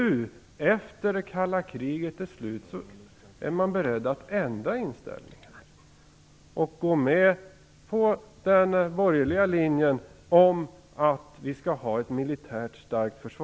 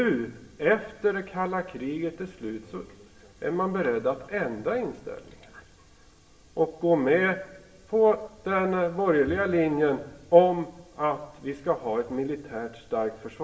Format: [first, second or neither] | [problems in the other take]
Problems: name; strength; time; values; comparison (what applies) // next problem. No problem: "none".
first | room echo; dies away in 0.8 s